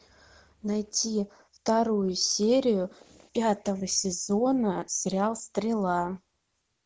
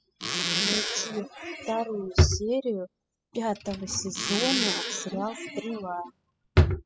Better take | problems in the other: first | noise reduction (classical method spectral subtraction)

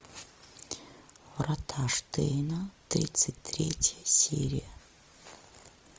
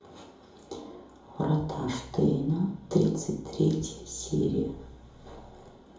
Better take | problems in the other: first | room echo; dies away in 2.6 s

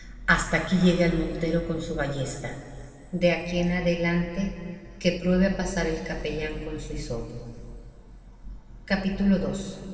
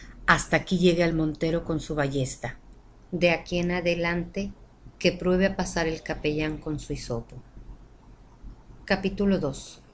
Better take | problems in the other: second | room echo; dies away in 2.6 s

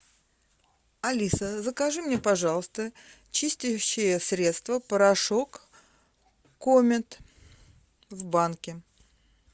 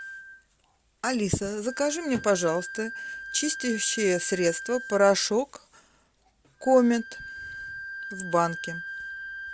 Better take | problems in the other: first | background sound (Wind instrument, woodwind instrument); 12 dB below the speech

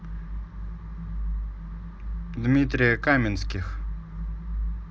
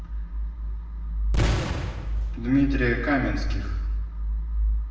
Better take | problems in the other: first | background sound (Boom); 4 dB below the speech // room echo; dies away in 1.1 s

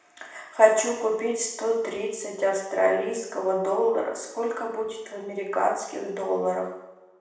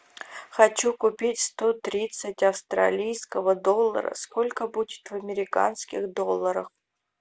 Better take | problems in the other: second | room echo; dies away in 0.8 s

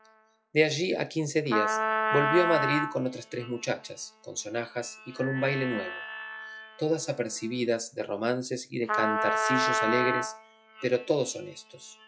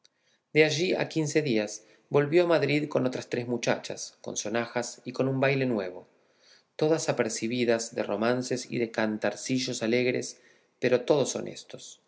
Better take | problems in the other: second | noise reduction (classical method log-MMSE)

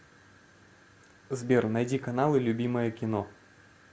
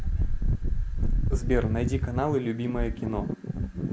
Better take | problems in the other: first | background sound (Wind); 5 dB above the speech

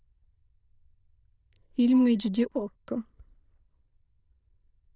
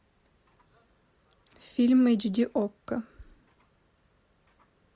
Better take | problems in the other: second | noise reduction (neural diffusion model UNIVERSE++)

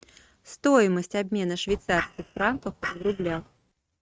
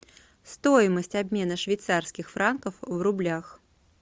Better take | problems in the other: second | noise reduction (neural mask model RNNoise)

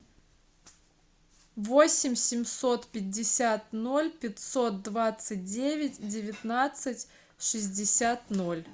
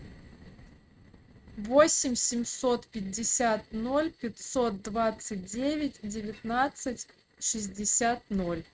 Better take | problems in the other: first | noise reduction (neural mask model RNNoise)

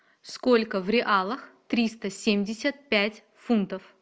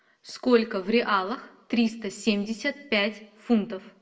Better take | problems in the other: first | room echo; dies away in 0.6 s

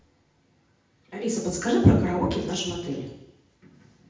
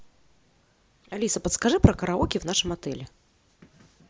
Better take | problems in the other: second | room echo; dies away in 0.8 s

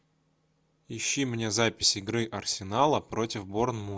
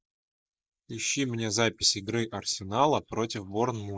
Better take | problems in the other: first | noise reduction (neural mask model Resemble Enhance denoiser)

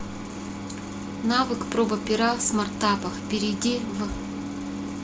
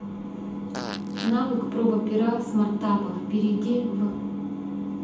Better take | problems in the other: first | background sound (Fart); 14 dB below the speech // room echo; dies away in 0.8 s

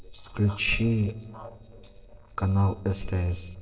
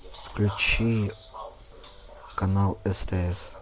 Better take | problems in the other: second | noise reduction (neural separator model SepFormer DNS4)

